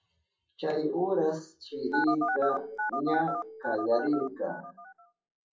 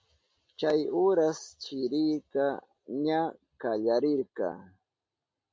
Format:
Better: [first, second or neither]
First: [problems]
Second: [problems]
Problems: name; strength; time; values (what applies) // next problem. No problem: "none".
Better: second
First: noise reduction (classical method WPE with log-MMSE)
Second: none